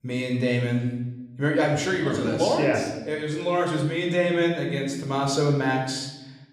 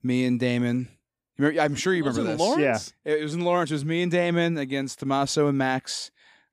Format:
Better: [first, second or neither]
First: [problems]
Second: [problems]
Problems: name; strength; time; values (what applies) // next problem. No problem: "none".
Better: second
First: room echo; noticeable; dies away in 0.9 s // off-mic speech; somewhat distant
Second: none